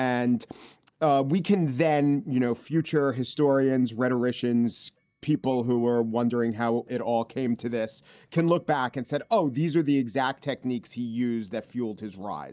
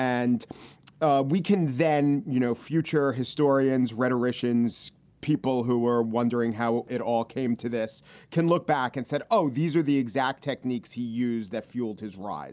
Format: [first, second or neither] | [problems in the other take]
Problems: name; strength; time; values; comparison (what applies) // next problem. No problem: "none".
second | noise reduction (neural mask model DeepFilterNet 3)